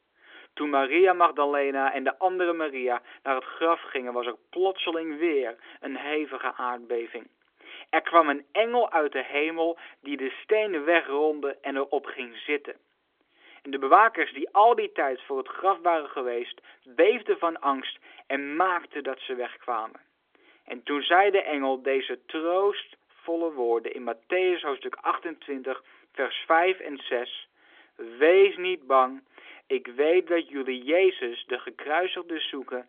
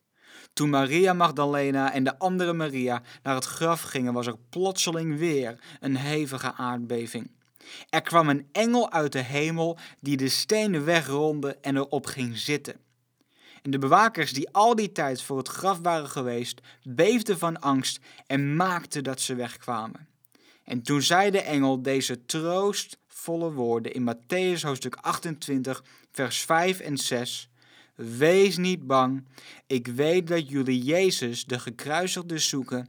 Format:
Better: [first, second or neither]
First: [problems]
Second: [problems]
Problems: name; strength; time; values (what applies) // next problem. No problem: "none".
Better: second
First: phone-call audio; nothing above 3.5 kHz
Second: none